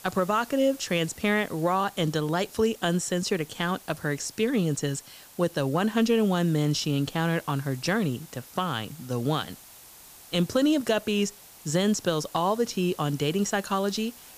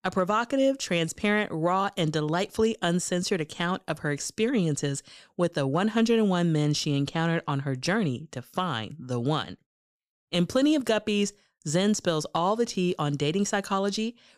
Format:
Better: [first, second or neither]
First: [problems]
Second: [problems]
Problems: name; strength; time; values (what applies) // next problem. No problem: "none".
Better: second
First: hiss; noticeable; throughout; 20 dB below the speech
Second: none